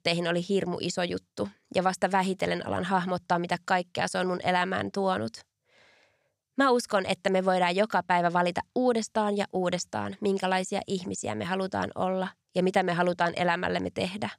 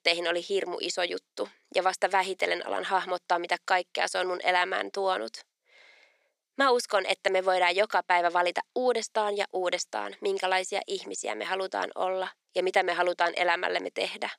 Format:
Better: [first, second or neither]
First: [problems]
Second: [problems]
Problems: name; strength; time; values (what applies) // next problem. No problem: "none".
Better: first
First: none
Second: thin; somewhat; fading below 350 Hz